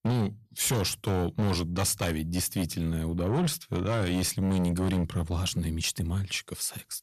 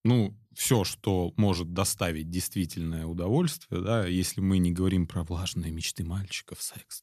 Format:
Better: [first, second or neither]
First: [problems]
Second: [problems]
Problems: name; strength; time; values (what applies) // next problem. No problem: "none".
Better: second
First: distortion; heavy; 7 dB below the speech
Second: none